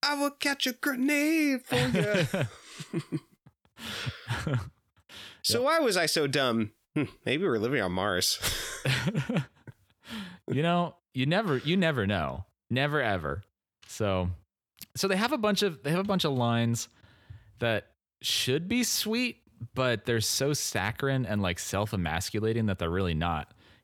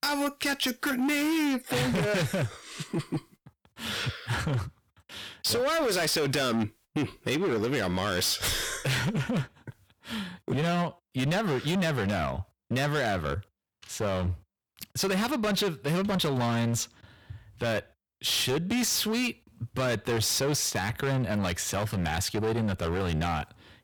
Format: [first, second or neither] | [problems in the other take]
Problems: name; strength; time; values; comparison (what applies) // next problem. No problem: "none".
first | distortion; heavy; 20% of the sound clipped